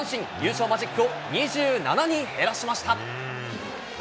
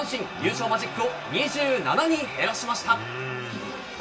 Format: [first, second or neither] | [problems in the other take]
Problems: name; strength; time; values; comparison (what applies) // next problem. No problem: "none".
first | room echo; dies away in 0.2 s